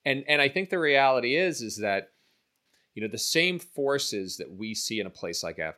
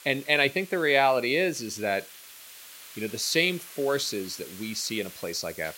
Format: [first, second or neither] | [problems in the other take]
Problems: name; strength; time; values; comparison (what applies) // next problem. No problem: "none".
first | hiss; noticeable; throughout; 15 dB below the speech